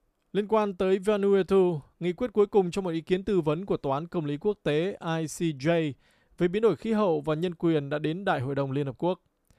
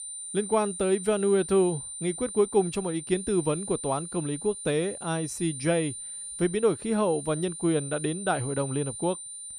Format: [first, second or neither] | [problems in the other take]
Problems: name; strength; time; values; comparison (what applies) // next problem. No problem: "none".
first | high-pitched whine; loud; throughout; 9 kHz, 8 dB below the speech